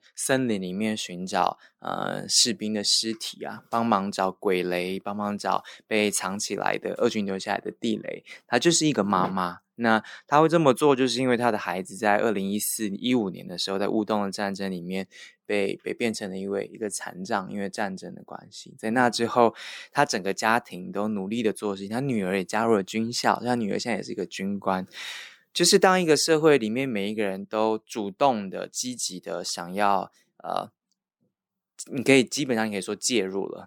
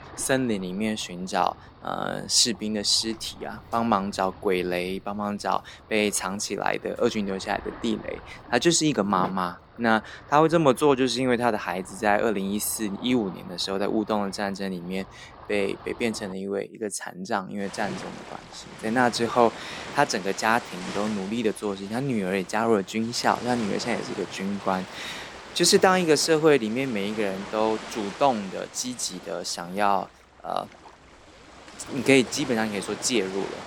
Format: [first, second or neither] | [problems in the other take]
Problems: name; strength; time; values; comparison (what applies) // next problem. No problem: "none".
first | rain or running water; noticeable; throughout; 15 dB below the speech